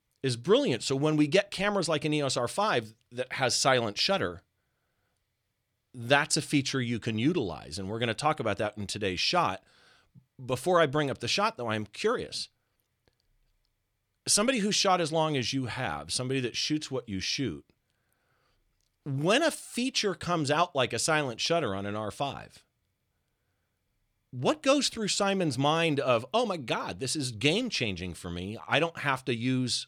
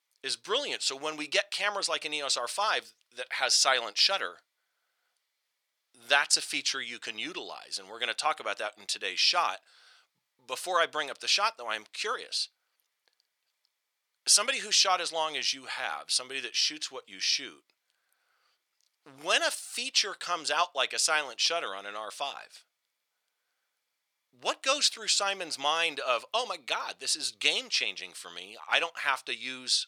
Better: first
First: none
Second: thin; very; fading below 850 Hz

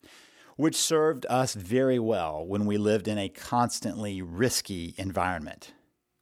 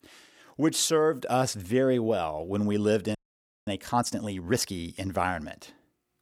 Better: first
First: none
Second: audio freezing; at 3 s for 0.5 s

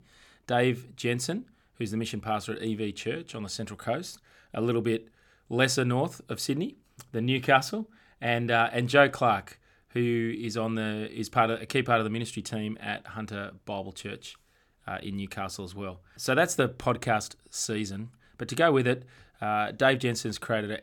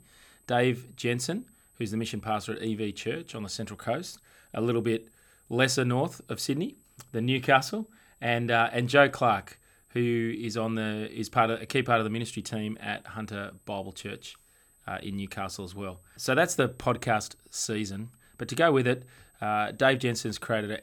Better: first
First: none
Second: high-pitched whine; faint; throughout; 8 kHz, 35 dB below the speech

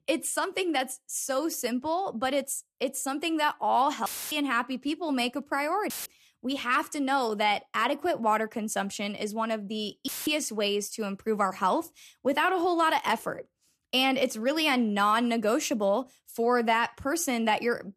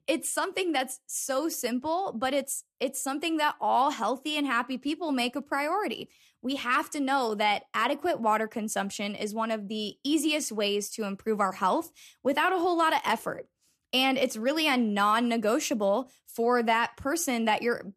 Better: second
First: audio cutting out; filled with static; at 4 s, at 6 s and at 10 s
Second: none

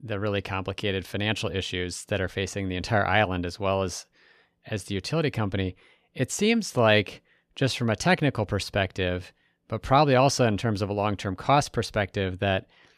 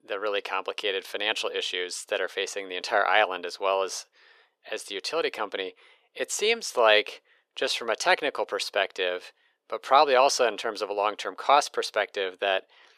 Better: first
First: none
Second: thin; very; fading below 450 Hz

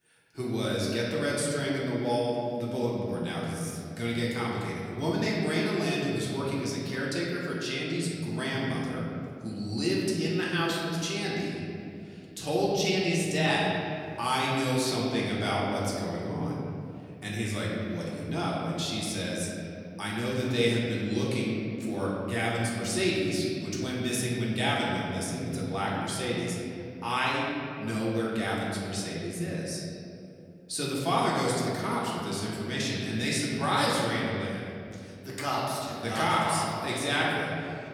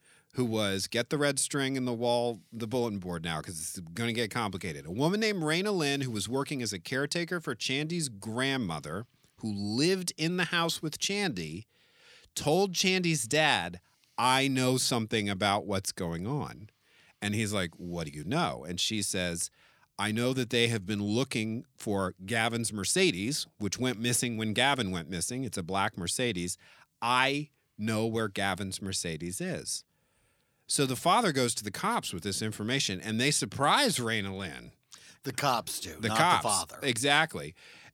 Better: second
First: room echo; noticeable; dies away in 2.5 s // off-mic speech; far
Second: none

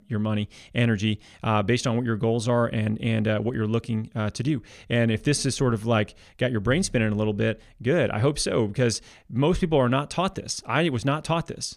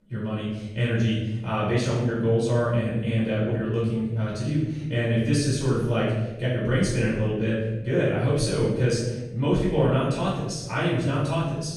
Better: first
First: none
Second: off-mic speech; far // room echo; noticeable; dies away in 1.1 s

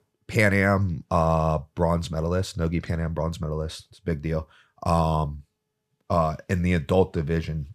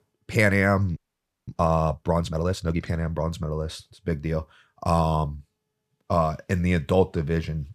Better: first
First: none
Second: audio freezing; at 1 s for 0.5 s

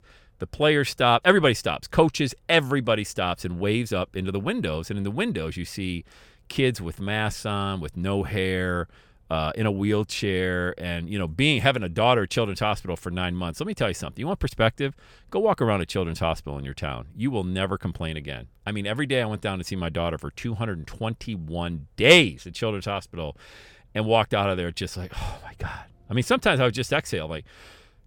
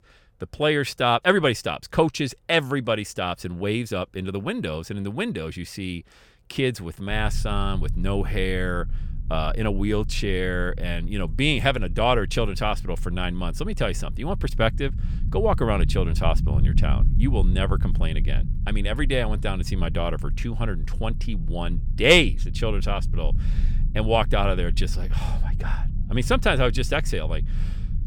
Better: first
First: none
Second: low rumble; noticeable; from 7 s on; 20 dB below the speech

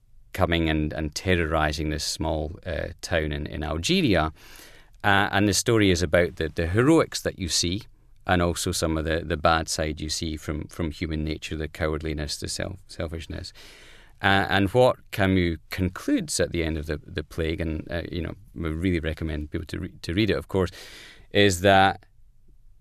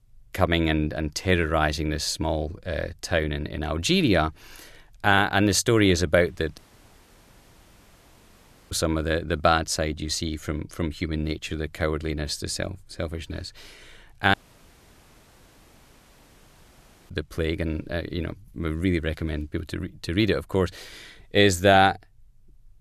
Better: first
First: none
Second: audio cutting out; at 6.5 s for 2 s and at 14 s for 3 s

